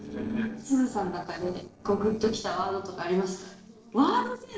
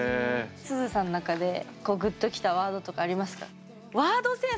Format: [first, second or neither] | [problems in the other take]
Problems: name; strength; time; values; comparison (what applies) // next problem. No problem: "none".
second | noise reduction (neural separator model SepFormer DNS4)